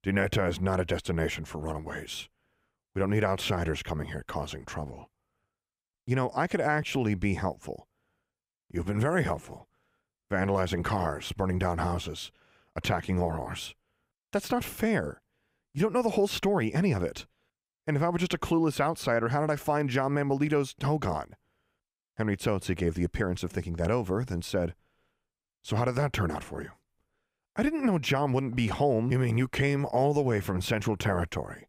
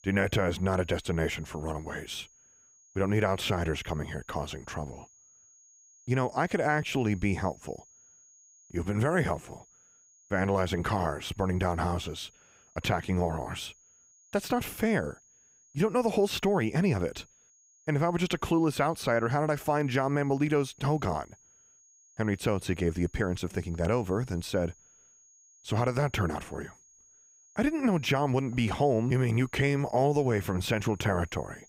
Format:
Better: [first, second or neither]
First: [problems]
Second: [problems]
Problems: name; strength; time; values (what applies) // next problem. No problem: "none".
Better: first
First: none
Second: high-pitched whine; faint; throughout; 6.5 kHz, 30 dB below the speech